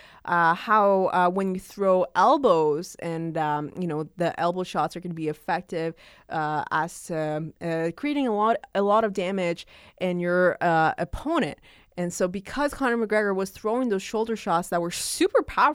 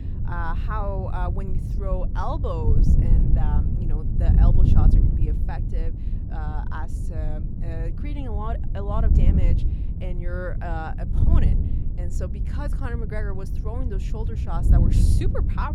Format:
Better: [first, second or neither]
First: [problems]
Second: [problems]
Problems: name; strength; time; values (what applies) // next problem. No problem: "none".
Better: first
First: none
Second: wind noise on the microphone; heavy; 3 dB below the speech